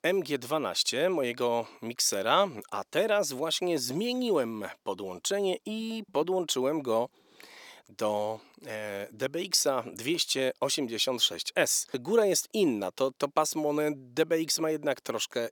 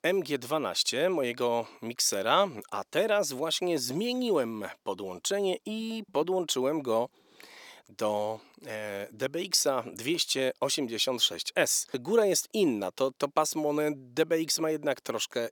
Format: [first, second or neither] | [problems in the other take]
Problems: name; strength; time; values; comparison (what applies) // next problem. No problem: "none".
neither | thin; somewhat; fading below 400 Hz; the same in both